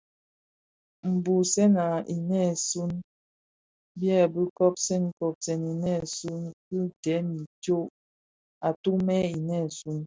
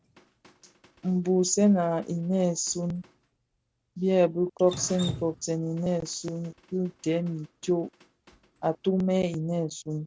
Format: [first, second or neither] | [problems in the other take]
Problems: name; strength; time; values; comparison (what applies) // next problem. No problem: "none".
first | background sound (Drip); 19 dB below the speech